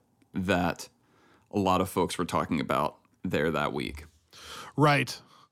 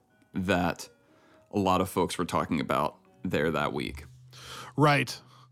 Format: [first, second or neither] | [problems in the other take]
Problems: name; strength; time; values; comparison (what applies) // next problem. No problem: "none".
first | background music; faint; throughout; 30 dB below the speech